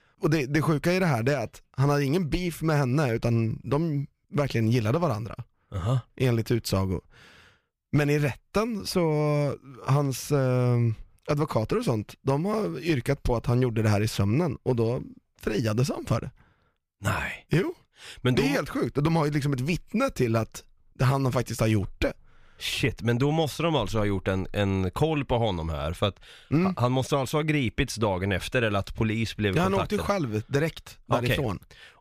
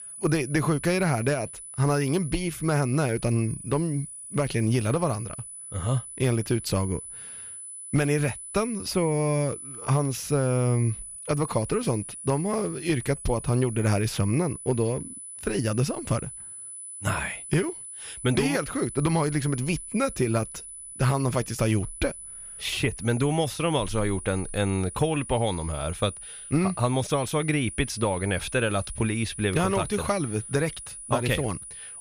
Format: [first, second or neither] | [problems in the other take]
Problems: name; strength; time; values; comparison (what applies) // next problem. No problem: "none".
first | high-pitched whine; noticeable; throughout; 10 kHz, 10 dB below the speech